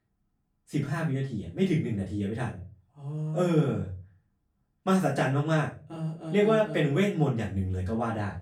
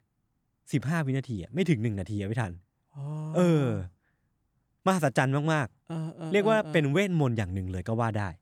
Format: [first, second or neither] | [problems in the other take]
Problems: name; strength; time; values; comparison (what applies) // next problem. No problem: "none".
second | off-mic speech; far // room echo; slight; dies away in 0.3 s